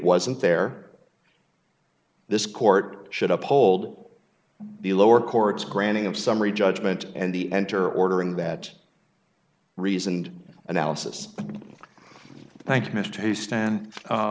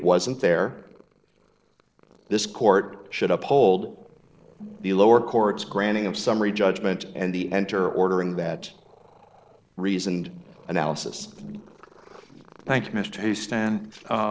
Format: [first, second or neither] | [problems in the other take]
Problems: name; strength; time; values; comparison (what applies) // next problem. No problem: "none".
first | noise reduction (neural separator model SepFormer DNS4)